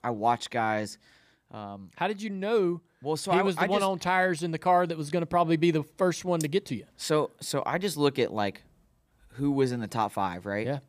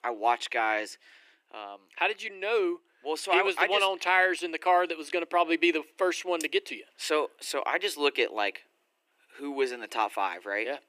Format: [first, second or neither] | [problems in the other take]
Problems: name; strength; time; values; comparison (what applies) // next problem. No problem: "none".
first | thin; very; fading below 350 Hz